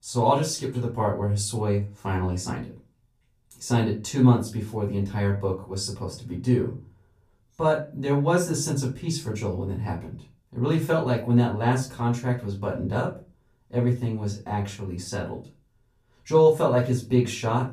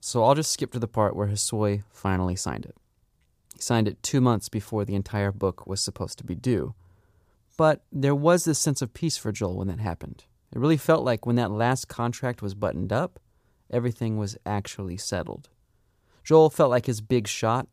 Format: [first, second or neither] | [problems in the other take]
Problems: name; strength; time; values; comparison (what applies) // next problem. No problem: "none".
second | off-mic speech; far // room echo; slight; dies away in 0.3 s